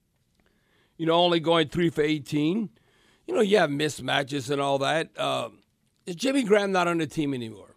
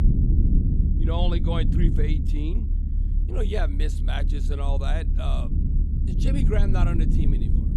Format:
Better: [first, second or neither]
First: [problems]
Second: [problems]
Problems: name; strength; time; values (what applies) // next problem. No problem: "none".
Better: first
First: none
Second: low rumble; loud; throughout; 4 dB below the speech